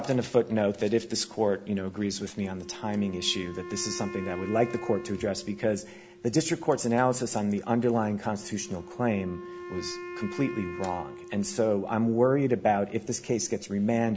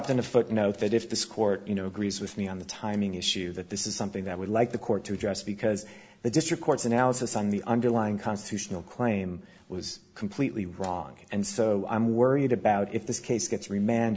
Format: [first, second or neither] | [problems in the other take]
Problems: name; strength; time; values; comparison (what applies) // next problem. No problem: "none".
second | background sound (Wind instrument, woodwind instrument); 15 dB below the speech